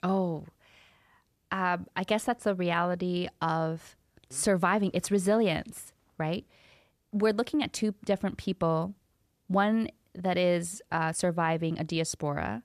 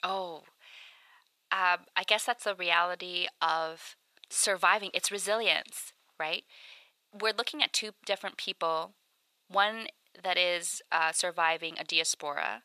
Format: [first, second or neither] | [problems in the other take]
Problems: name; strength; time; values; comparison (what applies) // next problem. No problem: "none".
first | thin; very; fading below 850 Hz